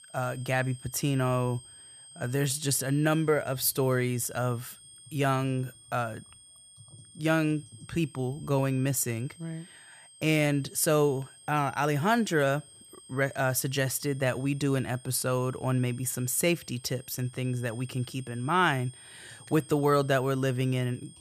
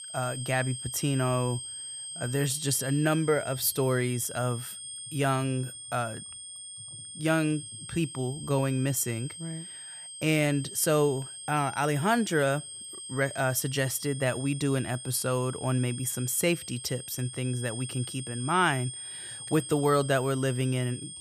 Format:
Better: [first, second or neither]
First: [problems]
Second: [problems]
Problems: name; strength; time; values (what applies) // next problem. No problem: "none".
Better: first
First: high-pitched whine; faint; throughout; 8.5 kHz, 20 dB below the speech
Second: high-pitched whine; loud; throughout; 8.5 kHz, 10 dB below the speech